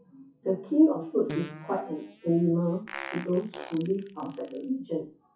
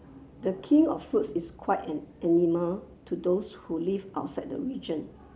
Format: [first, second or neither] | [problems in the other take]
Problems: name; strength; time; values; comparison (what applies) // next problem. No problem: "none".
second | noise reduction (classical method WPE with log-MMSE)